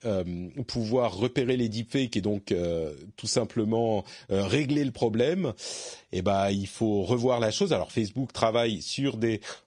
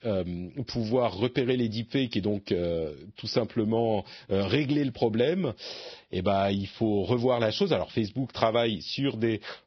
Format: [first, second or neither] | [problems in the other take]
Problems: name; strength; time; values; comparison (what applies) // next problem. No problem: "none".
first | garbled, watery; badly; nothing above 5.5 kHz; slightly in the first